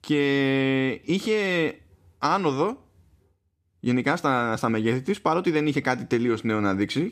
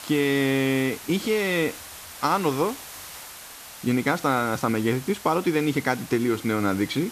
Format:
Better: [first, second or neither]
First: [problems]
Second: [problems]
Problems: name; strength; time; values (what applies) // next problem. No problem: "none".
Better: first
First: none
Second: hiss; noticeable; throughout; 15 dB below the speech